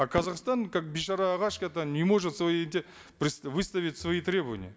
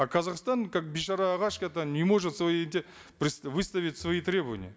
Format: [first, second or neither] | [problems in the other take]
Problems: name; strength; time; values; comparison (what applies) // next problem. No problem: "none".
second | background sound (Fireworks); 17 dB below the speech